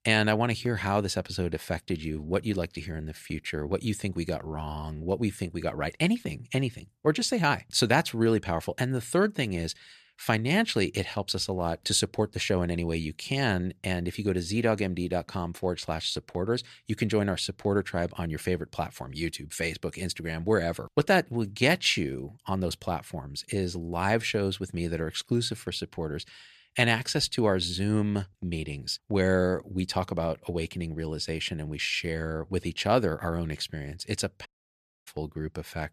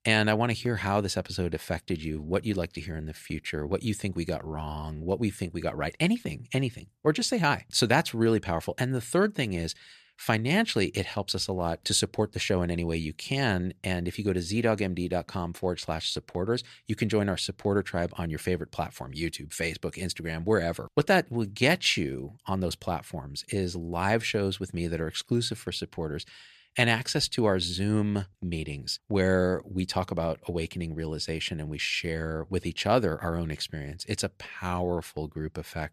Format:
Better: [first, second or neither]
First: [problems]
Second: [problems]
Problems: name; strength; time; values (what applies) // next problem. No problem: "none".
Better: second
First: audio cutting out; at 34 s for 0.5 s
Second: none